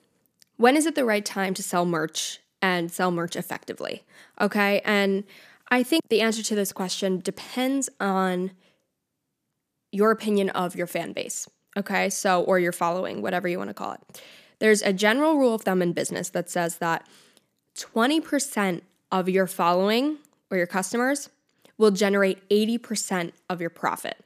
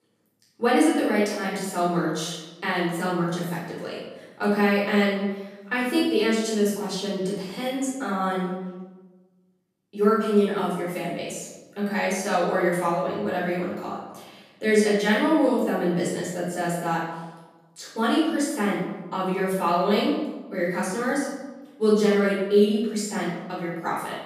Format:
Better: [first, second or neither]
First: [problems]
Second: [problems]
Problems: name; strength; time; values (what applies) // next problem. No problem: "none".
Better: first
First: none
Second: room echo; noticeable; dies away in 1 s // off-mic speech; far